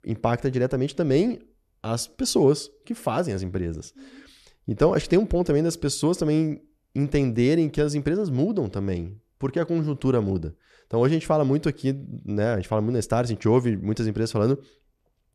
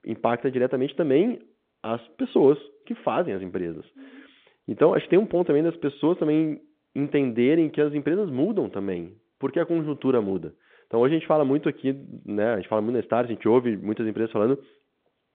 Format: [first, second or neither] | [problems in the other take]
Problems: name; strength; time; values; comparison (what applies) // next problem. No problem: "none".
first | phone-call audio